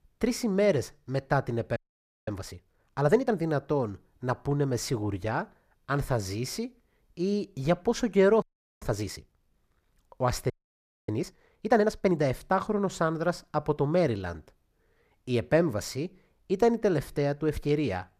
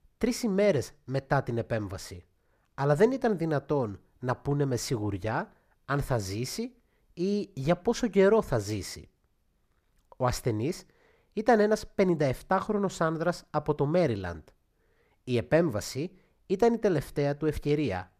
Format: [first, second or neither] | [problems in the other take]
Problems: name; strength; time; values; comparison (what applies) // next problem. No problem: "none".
second | audio freezing; at 2 s for 0.5 s, at 8.5 s and at 11 s for 0.5 s